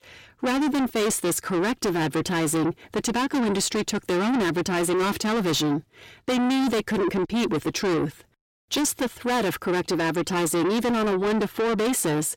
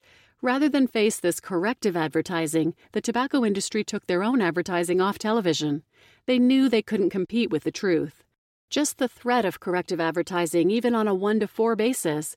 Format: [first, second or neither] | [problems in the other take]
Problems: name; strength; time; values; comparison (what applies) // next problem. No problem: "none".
second | distortion; heavy; 6 dB below the speech